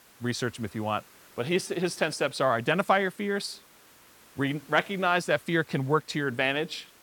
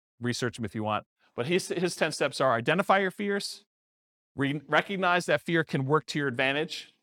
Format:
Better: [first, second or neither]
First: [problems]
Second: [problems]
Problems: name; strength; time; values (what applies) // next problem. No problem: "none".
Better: second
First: hiss; faint; throughout; 25 dB below the speech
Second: none